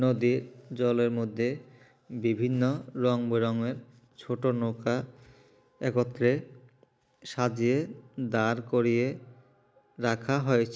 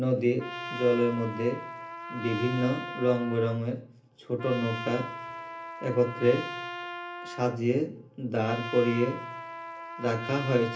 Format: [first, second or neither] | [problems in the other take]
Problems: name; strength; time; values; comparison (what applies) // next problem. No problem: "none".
first | background sound (Trumpet); 10 dB below the speech // room echo; dies away in 0.3 s